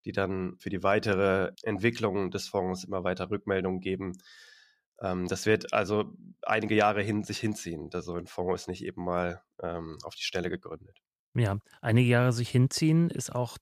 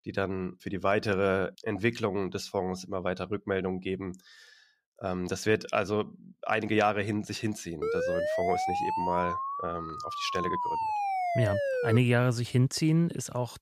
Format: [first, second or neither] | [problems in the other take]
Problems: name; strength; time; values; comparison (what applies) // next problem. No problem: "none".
first | siren; loud; from 8 to 12 s; peak 1 dB above the speech